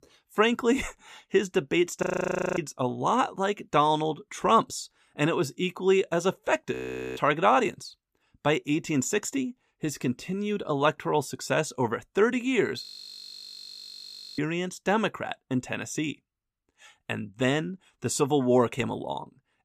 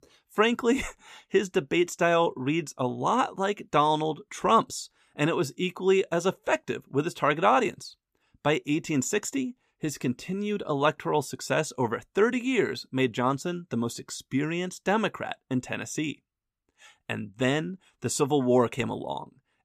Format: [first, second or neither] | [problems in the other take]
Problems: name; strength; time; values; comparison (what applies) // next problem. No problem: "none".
second | audio freezing; at 2 s for 0.5 s, at 6.5 s and at 13 s for 1.5 s